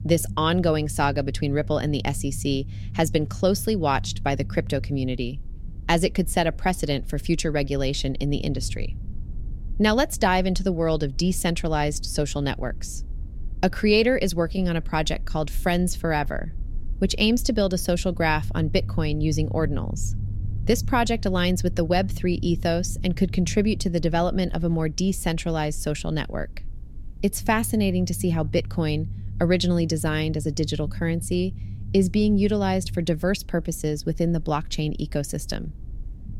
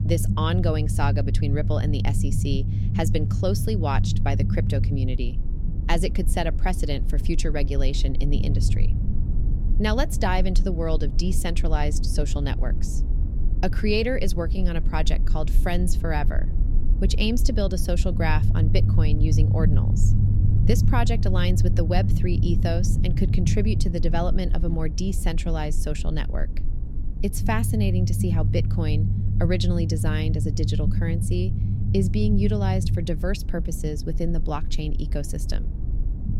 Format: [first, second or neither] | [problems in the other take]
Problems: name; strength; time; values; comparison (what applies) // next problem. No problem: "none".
first | low rumble; loud; throughout; 8 dB below the speech; faint in the first